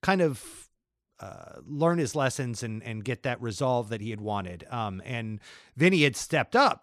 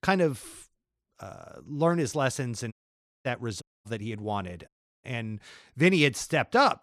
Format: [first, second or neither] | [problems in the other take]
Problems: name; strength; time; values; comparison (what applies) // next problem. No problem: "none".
first | audio cutting out; at 2.5 s for 0.5 s, at 3.5 s and at 4.5 s